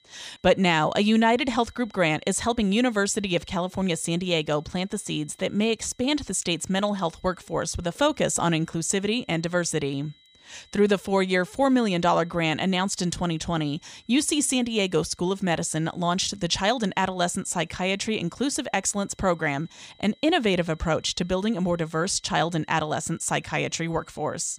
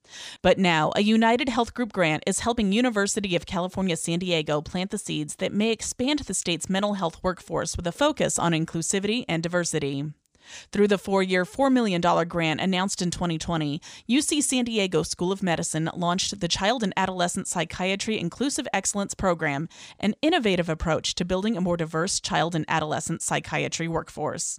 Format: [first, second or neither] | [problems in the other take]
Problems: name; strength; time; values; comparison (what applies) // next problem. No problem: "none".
second | high-pitched whine; faint; throughout; 4 kHz, 30 dB below the speech